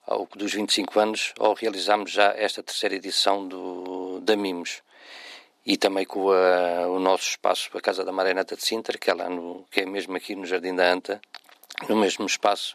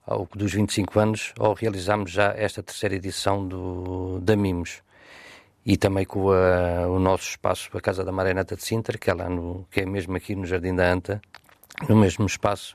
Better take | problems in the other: second | thin; somewhat; fading below 250 Hz

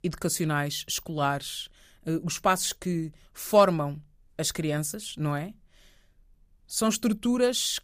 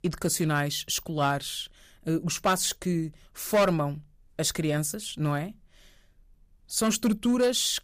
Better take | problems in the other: first | distortion; slight; 3% of the sound clipped

